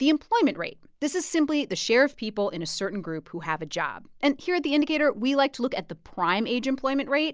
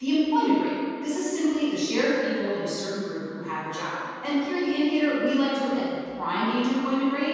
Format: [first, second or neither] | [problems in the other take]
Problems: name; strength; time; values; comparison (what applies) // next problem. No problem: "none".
first | room echo; dies away in 2.1 s